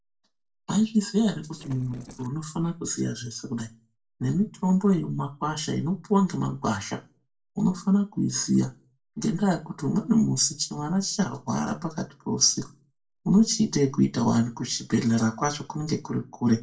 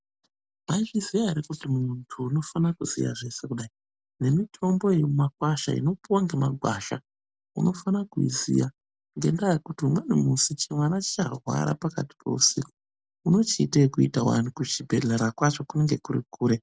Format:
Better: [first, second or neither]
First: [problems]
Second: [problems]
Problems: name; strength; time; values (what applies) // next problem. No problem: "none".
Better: second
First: noise reduction (neural separator model SepFormer DNS4)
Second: none